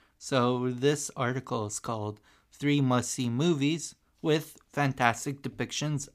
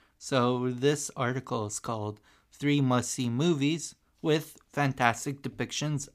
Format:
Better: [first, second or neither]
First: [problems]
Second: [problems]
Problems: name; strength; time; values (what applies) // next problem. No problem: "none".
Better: neither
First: none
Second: none